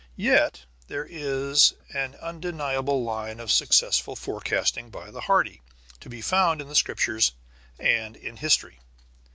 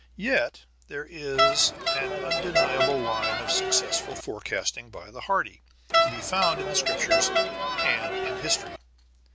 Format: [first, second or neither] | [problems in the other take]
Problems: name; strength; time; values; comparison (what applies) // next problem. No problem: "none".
first | background sound (Crowd); 4 dB above the speech